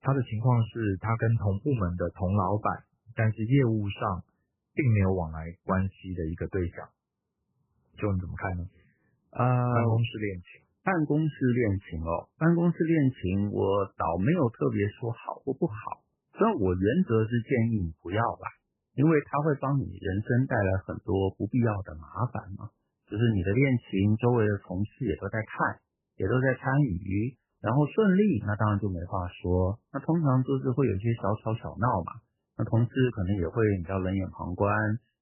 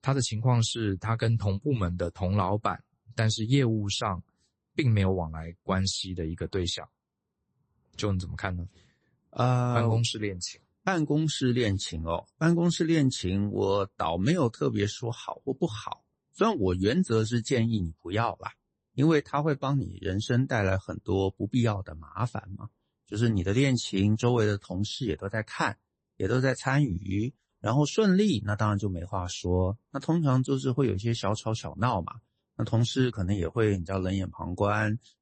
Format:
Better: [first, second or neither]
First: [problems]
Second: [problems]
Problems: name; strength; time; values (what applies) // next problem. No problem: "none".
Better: second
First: garbled, watery; badly; nothing above 3 kHz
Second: garbled, watery; slightly; nothing above 8 kHz